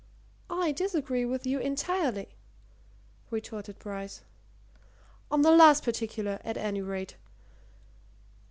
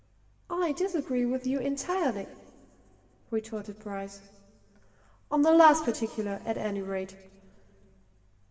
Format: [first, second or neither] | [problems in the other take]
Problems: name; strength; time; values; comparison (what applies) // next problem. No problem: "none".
first | room echo; dies away in 3 s